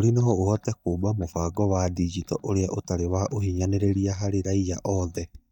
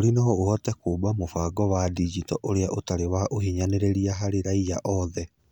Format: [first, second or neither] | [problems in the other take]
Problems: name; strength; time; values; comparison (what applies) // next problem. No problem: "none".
second | noise reduction (neural mask model DeepFilterNet 3)